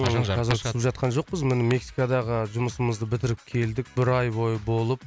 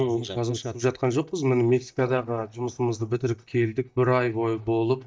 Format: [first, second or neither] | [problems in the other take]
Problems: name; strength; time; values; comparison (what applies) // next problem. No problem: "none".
first | noise reduction (neural mask model DeepFilterNet 3)